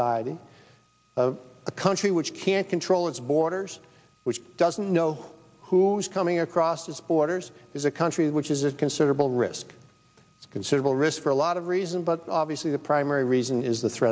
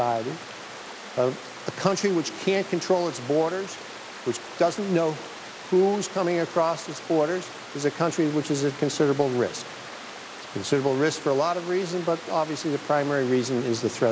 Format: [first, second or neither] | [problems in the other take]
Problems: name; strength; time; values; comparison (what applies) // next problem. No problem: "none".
first | background sound (Water); 14 dB below the speech